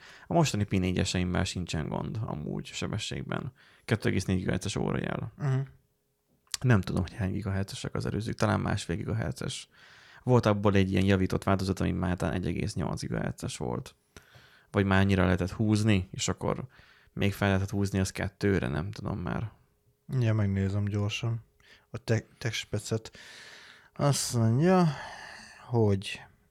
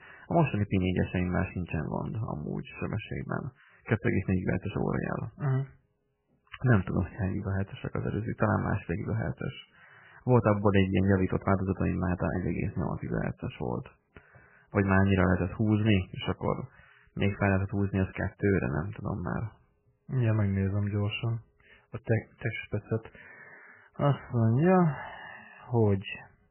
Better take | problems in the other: first | garbled, watery; badly; nothing above 3 kHz

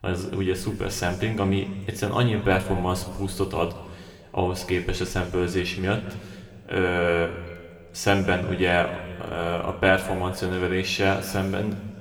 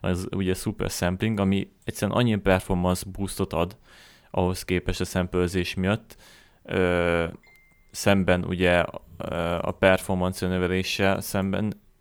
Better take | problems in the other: second | room echo; slight; dies away in 1.6 s

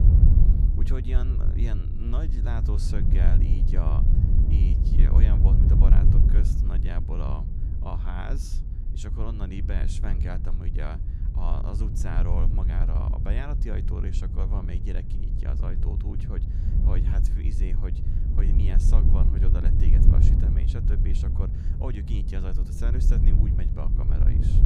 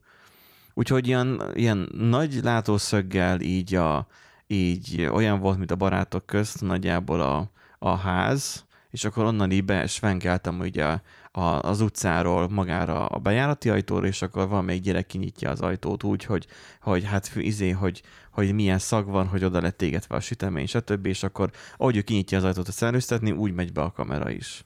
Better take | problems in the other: second | wind noise on the microphone; heavy; as loud as the speech

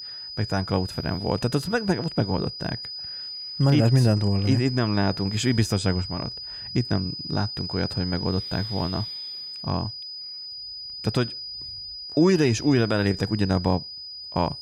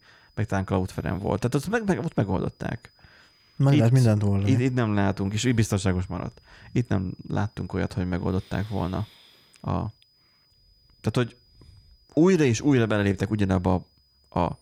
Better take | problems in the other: second | high-pitched whine; loud; throughout; 5 kHz, 8 dB below the speech; faint in the second

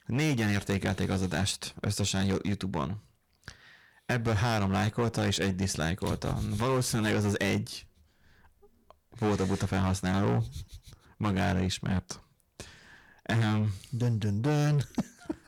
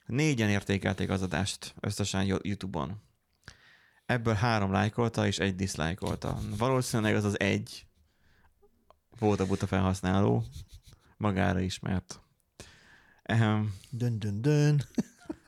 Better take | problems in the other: second | distortion; heavy; 11% of the sound clipped

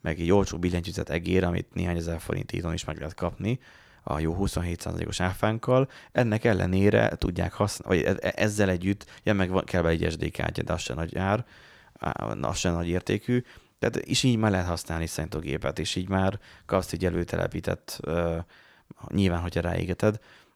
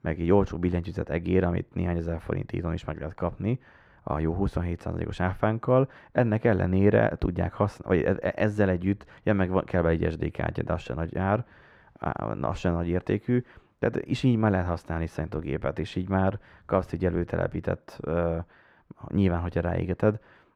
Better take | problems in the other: first | muffled; very; fading above 3 kHz

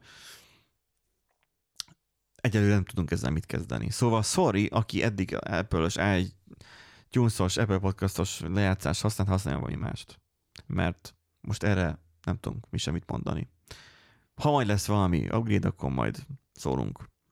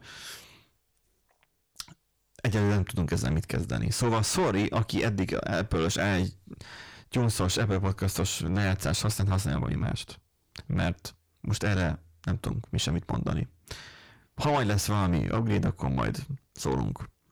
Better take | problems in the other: first | distortion; heavy; 5 dB below the speech

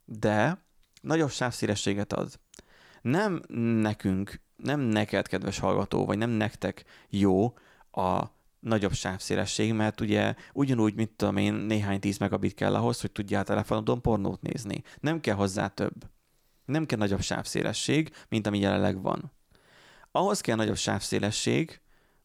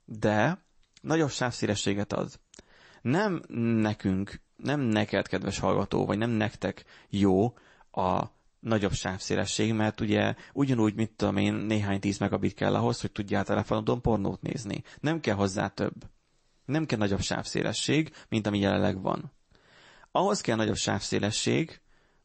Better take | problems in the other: first | garbled, watery; slightly; nothing above 8 kHz

